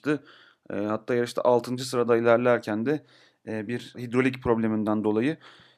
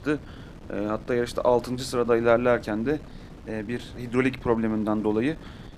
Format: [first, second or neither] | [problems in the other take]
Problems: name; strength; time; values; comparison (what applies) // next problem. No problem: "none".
first | wind noise on the microphone; occasional gusts; 25 dB below the speech